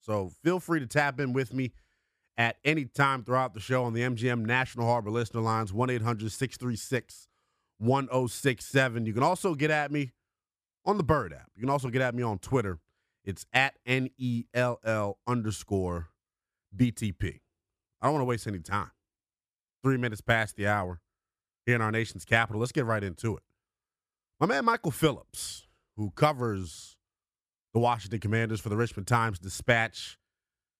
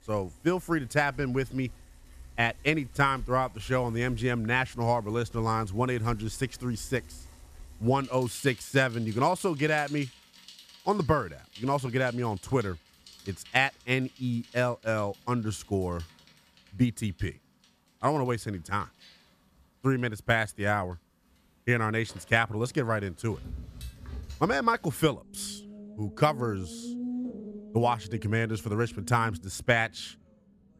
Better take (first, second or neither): first